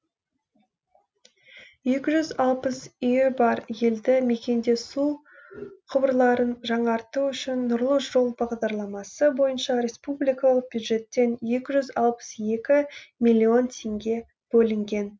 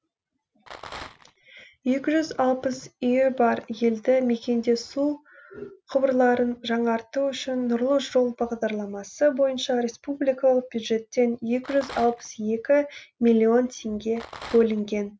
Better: first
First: none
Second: background sound (Rattle); 16 dB below the speech

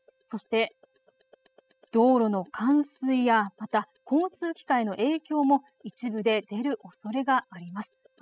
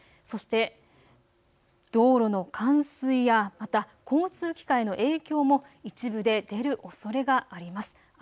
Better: second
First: noise reduction (classical method spectral subtraction)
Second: none

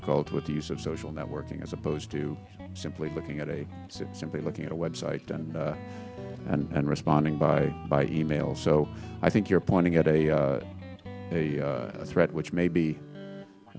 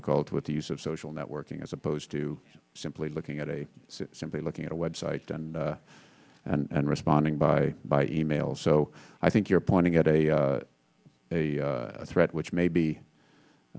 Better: second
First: background sound (Guitar); 13 dB below the speech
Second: none

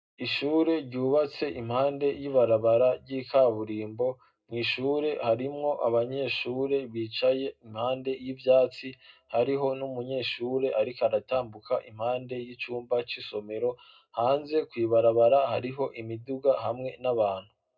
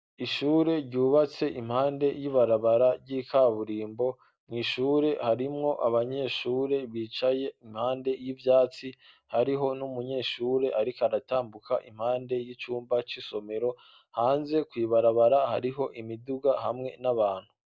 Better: second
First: room echo; dies away in 0.2 s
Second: none

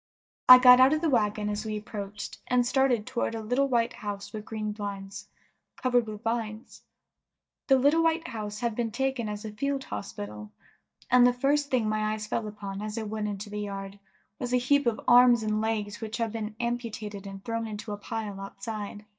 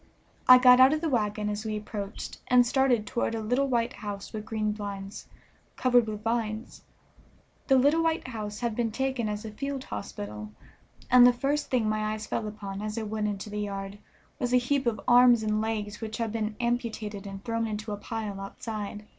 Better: second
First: noise reduction (neural mask model DeepFilterNet 3)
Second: none

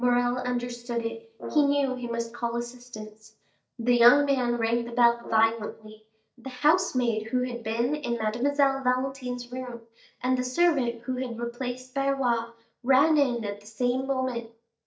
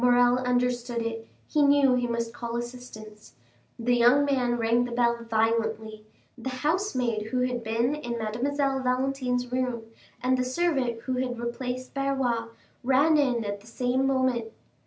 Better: second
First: noise reduction (neural mask model DeepFilterNet 3)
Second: none

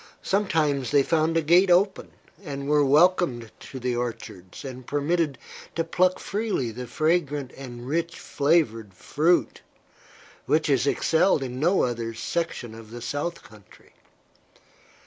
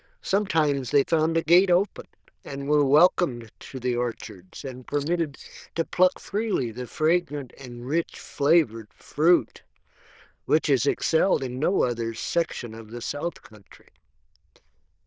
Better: first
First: none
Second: noise reduction (neural diffusion model UNIVERSE++)

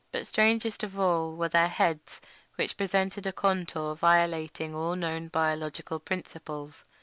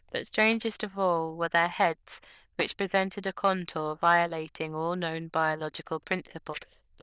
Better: first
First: none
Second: noise reduction (neural diffusion model UNIVERSE++)

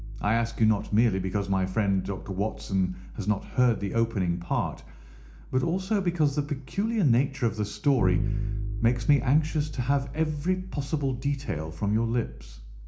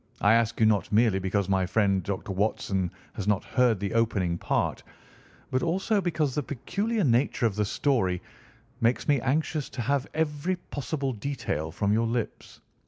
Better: second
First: background sound (Bass guitar); 8 dB below the speech // room echo; dies away in 0.4 s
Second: none

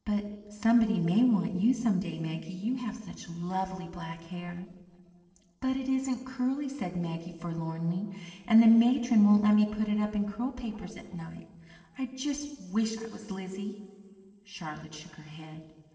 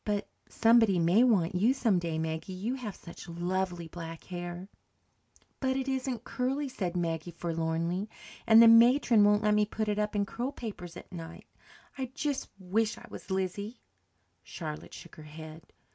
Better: second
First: noise reduction (neural separator model SepFormer DNS4)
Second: none

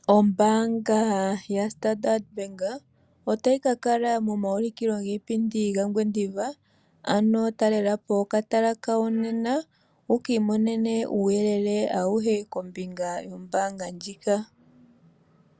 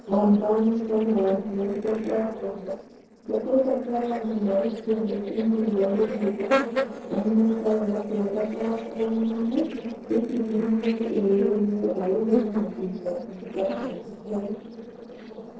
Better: first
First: none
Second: noise reduction (neural separator model SepFormer DNS4)

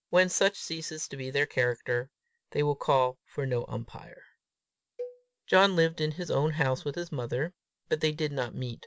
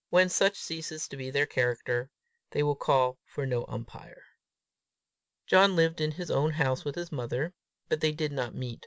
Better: second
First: background sound (Cowbell); 17 dB below the speech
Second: none

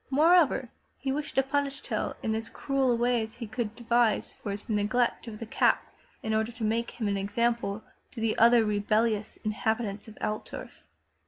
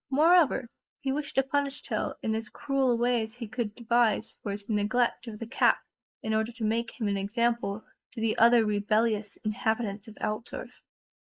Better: first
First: none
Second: noise reduction (neural mask model Resemble Enhance denoiser)

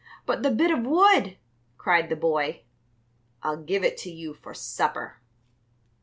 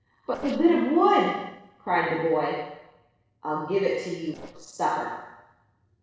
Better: first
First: none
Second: noise reduction (neural separator model SepFormer DNS4)

